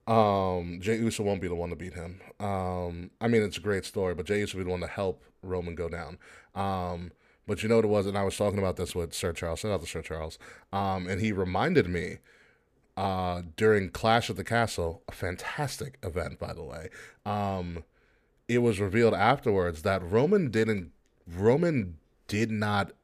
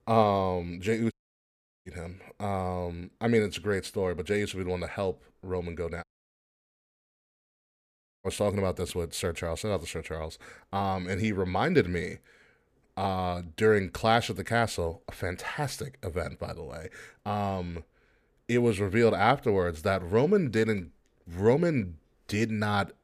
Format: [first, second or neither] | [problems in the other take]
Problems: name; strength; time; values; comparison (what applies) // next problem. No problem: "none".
first | audio cutting out; at 1 s for 0.5 s and at 6 s for 2 s